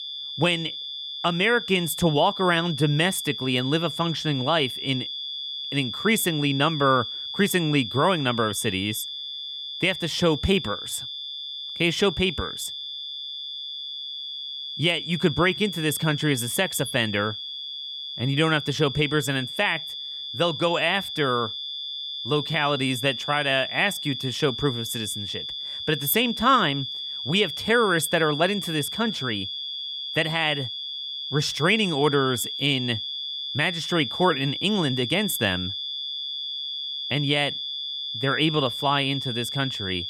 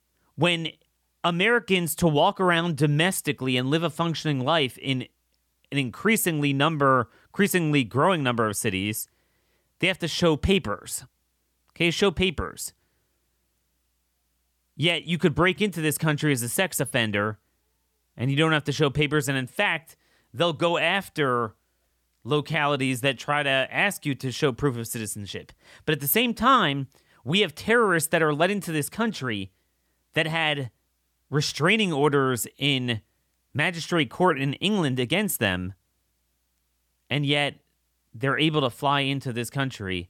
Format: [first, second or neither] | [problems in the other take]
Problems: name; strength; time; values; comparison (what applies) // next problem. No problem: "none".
second | high-pitched whine; loud; throughout; 3.5 kHz, 6 dB below the speech